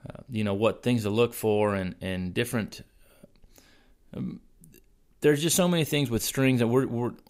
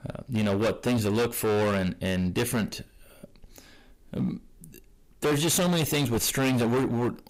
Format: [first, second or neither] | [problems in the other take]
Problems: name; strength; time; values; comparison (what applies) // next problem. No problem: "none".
first | distortion; heavy; 18% of the sound clipped